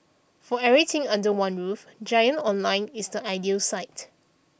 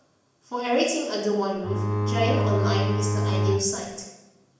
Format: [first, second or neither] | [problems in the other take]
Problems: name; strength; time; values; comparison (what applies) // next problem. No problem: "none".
first | background sound (Bowed string instrument); 3 dB above the speech // room echo; dies away in 1 s